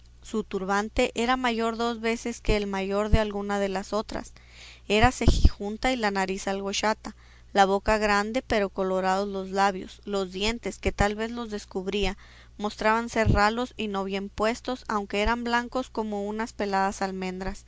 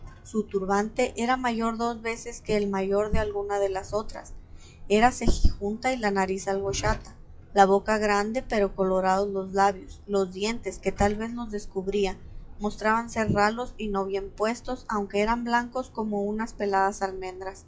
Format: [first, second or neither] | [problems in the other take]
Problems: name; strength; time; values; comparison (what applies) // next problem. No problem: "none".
first | noise reduction (classical method WPE with log-MMSE)